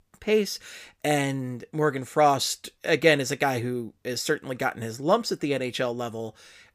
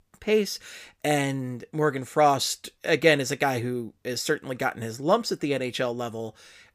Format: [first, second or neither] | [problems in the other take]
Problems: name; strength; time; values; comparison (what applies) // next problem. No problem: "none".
neither | none